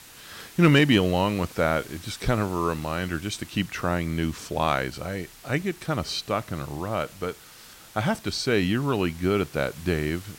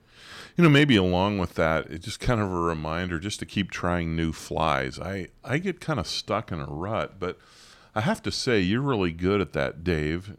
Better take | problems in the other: second | hiss; noticeable; throughout; 20 dB below the speech

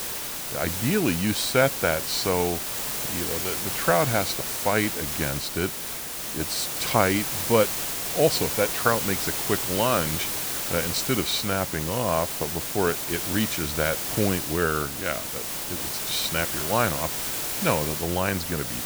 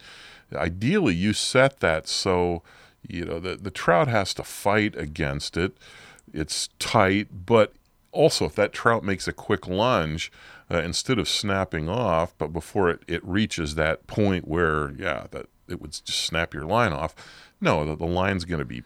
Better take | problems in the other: second | hiss; loud; throughout; 1 dB below the speech

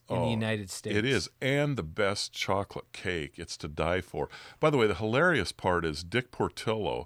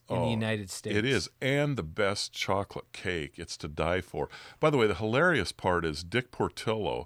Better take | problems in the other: neither | none

